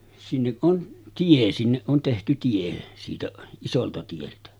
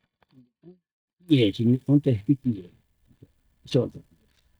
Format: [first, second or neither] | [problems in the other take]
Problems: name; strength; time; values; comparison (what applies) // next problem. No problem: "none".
first | noise reduction (neural mask model DeepFilterNet 3)